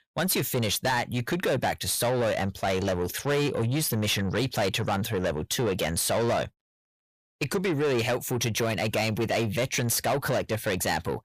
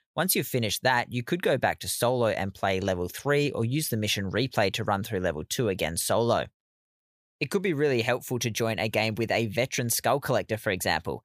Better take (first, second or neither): second